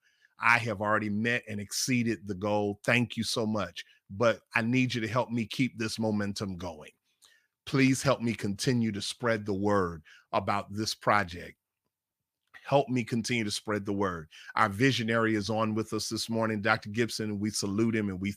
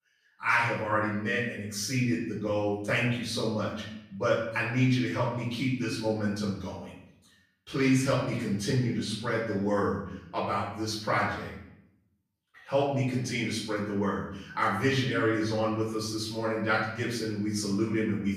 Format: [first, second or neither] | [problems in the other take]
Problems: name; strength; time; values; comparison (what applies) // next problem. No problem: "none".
first | room echo; noticeable; dies away in 0.7 s // off-mic speech; far